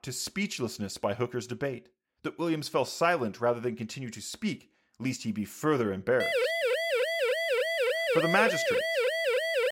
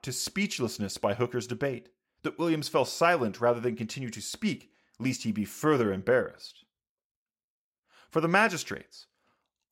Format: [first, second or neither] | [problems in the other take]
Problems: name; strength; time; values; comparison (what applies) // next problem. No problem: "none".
second | siren; loud; from 6 s on; peak 4 dB above the speech